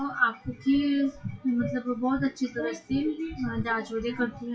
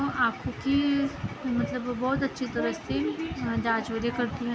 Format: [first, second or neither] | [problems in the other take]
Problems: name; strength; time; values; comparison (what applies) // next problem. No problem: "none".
second | noise reduction (classical method WPE with log-MMSE)